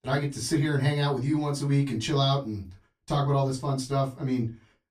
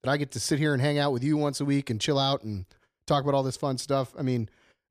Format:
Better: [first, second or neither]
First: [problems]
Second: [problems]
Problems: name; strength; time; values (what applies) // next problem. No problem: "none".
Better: second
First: off-mic speech; far // room echo; very slight; dies away in 0.2 s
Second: none